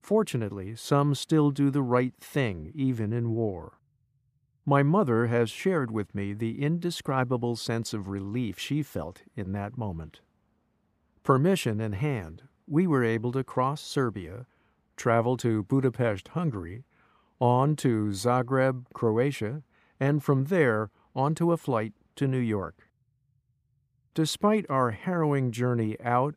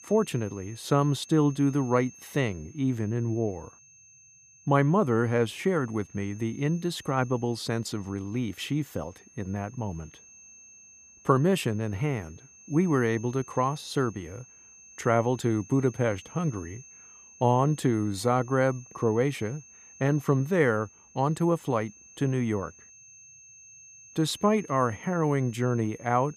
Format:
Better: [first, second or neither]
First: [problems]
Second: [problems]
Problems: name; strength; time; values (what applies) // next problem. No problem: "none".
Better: first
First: none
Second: high-pitched whine; faint; throughout; 6.5 kHz, 20 dB below the speech